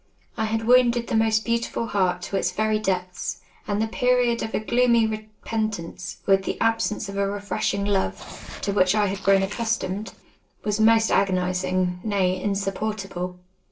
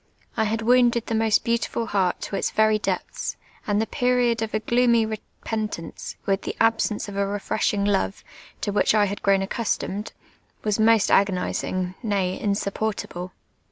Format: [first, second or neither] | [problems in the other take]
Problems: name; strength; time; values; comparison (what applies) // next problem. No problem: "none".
second | noise reduction (neural separator model SepFormer DNS4)